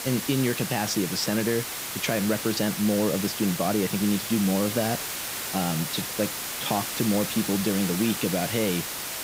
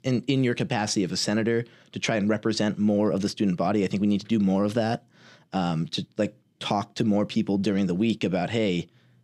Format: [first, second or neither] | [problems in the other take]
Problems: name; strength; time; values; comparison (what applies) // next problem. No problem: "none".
second | hiss; loud; throughout; 3 dB below the speech